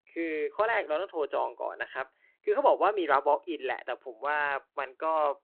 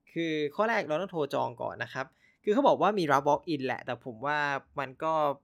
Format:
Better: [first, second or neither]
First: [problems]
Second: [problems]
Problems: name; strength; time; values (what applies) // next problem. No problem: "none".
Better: second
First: phone-call audio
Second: none